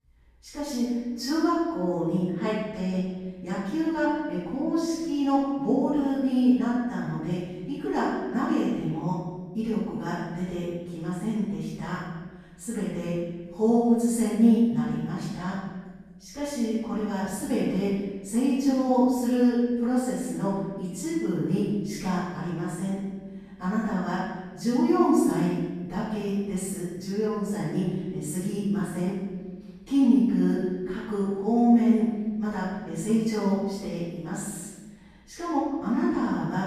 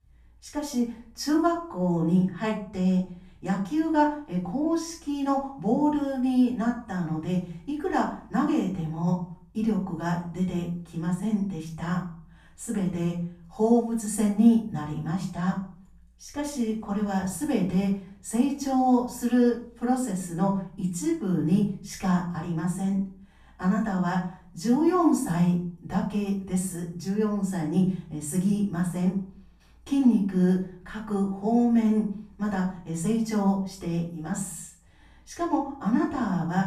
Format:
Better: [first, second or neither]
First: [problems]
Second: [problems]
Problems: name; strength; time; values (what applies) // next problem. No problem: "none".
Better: second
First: room echo; strong; dies away in 1.2 s // off-mic speech; far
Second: room echo; slight; dies away in 0.5 s // off-mic speech; far